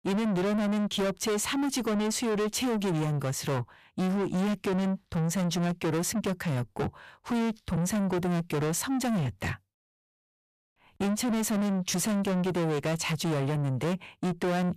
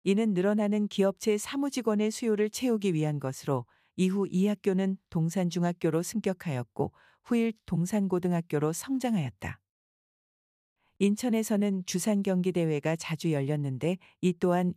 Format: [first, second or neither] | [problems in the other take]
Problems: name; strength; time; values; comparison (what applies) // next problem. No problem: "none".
second | distortion; heavy; 6 dB below the speech